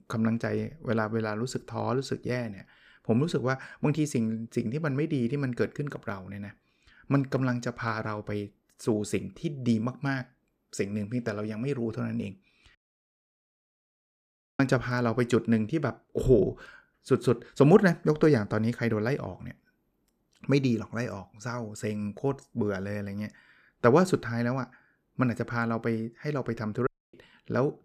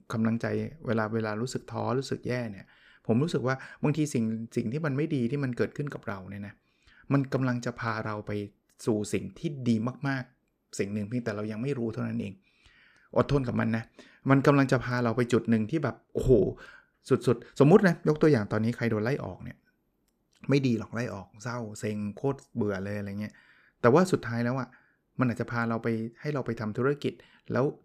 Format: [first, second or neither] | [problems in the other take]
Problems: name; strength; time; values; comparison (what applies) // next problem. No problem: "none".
second | audio cutting out; at 13 s for 2 s and at 27 s